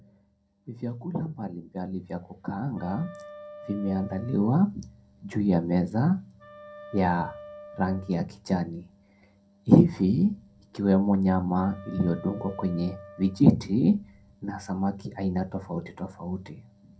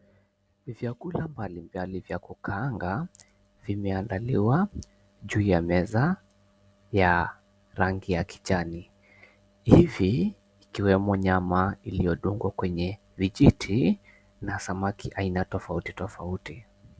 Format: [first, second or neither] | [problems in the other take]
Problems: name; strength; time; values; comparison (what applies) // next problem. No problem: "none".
second | background sound (Wind instrument, woodwind instrument); 20 dB below the speech // room echo; dies away in 0.2 s